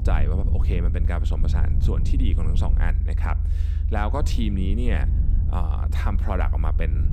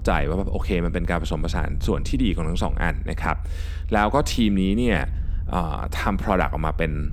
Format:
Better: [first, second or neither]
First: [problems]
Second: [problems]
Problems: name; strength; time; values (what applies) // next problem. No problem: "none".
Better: second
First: low rumble; loud; throughout; 8 dB below the speech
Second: low rumble; faint; throughout; 25 dB below the speech